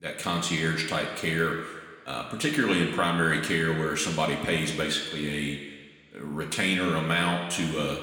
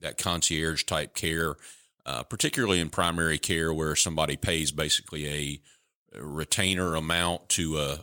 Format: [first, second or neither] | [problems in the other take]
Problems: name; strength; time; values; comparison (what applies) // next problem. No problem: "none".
second | room echo; noticeable; dies away in 1.7 s // off-mic speech; somewhat distant